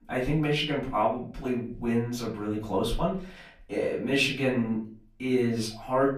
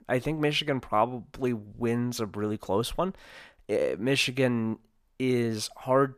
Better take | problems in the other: second | off-mic speech; far // room echo; slight; dies away in 0.4 s

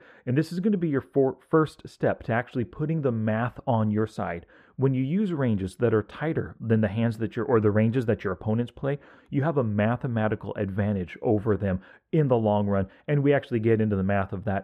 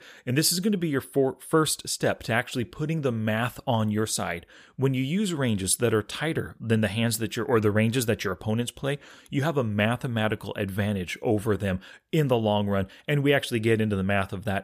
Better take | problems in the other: second | muffled; very; fading above 3 kHz

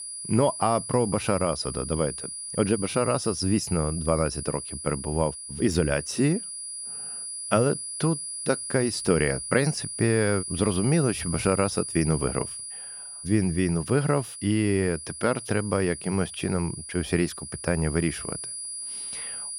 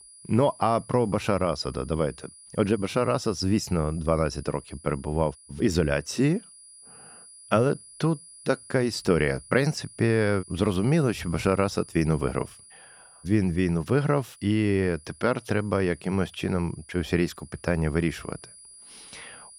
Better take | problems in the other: second | high-pitched whine; loud; throughout; 10 kHz, 7 dB below the speech; faint in the second

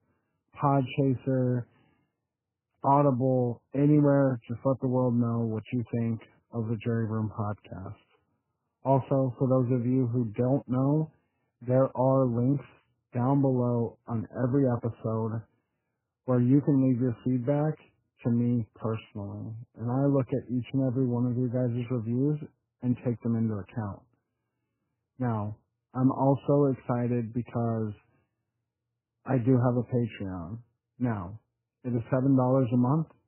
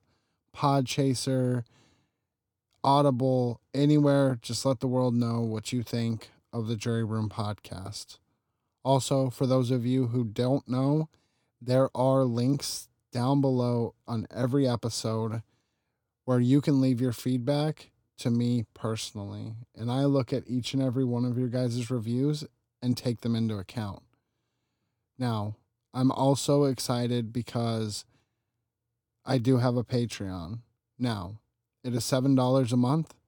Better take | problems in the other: second | garbled, watery; badly; nothing above 3 kHz

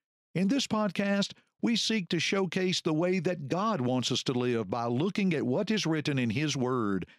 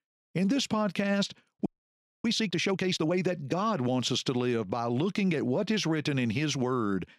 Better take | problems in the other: first | audio freezing; at 1.5 s for 0.5 s

